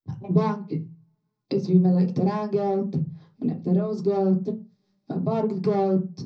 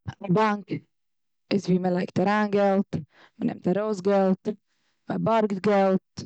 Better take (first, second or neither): second